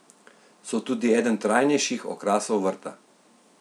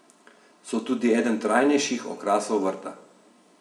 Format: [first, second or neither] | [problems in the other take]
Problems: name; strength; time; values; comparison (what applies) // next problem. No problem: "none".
first | room echo; dies away in 0.8 s